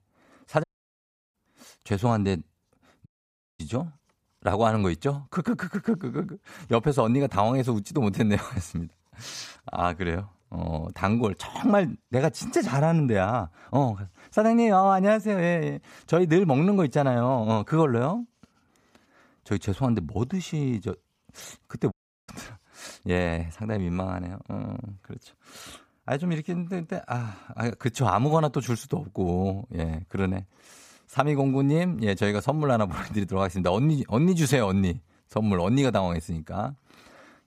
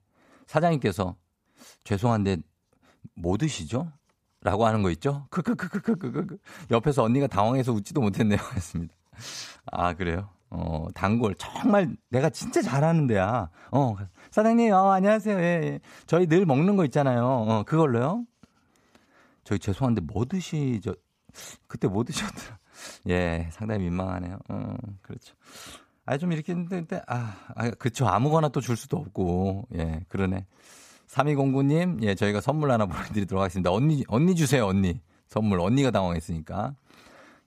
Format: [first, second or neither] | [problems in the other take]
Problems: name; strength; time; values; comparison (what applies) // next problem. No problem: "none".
second | audio cutting out; at 0.5 s for 0.5 s, at 3 s for 0.5 s and at 22 s